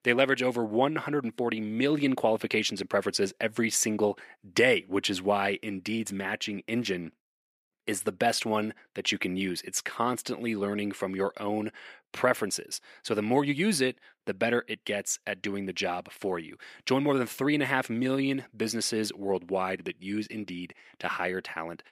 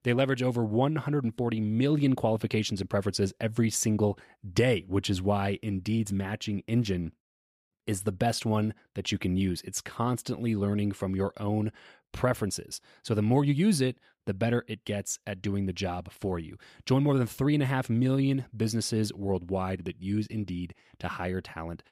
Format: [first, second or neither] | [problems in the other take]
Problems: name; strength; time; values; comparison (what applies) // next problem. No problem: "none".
second | thin; somewhat; fading below 300 Hz